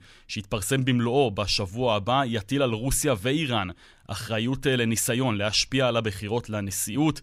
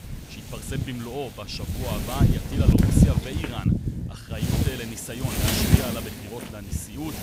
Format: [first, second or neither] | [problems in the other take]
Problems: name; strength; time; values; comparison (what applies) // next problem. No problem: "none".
first | wind noise on the microphone; heavy; 4 dB above the speech